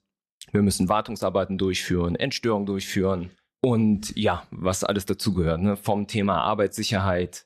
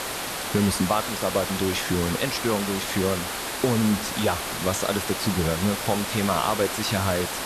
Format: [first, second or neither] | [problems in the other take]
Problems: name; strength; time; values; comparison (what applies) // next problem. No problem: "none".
first | hiss; loud; throughout; 3 dB below the speech